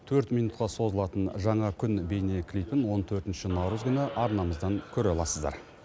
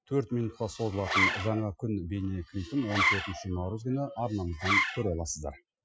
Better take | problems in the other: first | noise reduction (classical method Wiener filter)

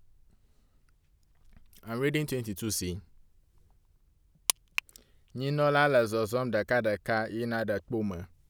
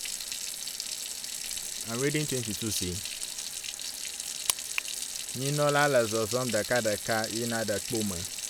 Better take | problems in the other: first | background sound (Sink (filling or washing) / Water tap, faucet); 4 dB below the speech

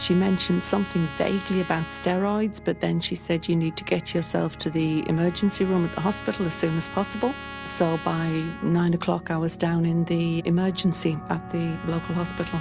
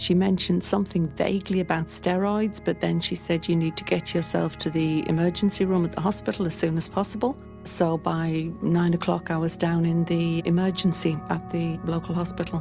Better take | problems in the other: second | background sound (Trumpet); 16 dB below the speech

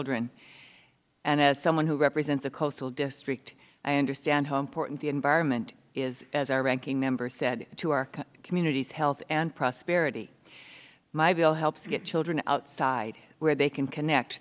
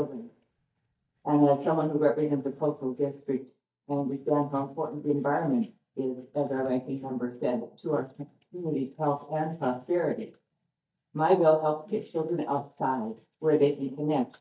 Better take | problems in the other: first | noise reduction (neural mask model DeepFilterNet 3)

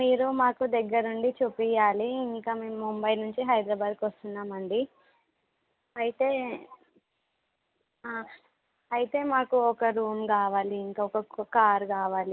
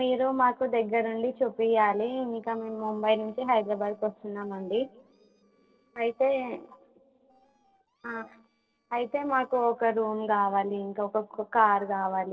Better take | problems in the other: first | noise reduction (neural separator model SepFormer DNS4)

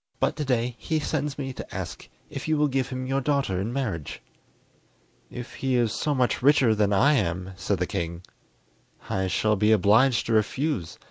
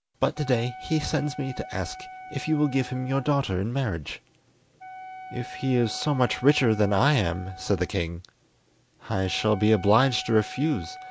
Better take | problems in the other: first | background sound (Wind instrument, woodwind instrument); 16 dB below the speech

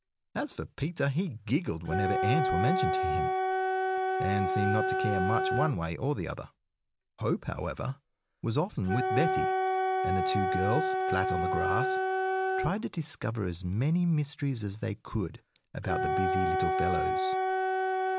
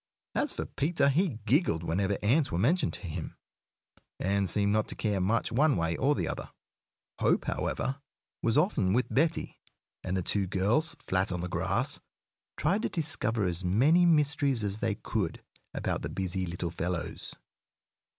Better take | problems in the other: second | background sound (Wind instrument, woodwind instrument); 1 dB above the speech

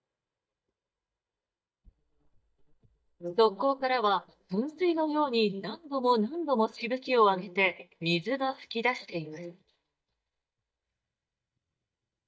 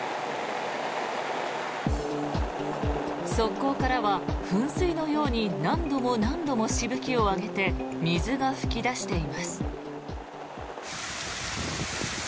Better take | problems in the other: second | noise reduction (neural mask model DeepFilterNet 3)

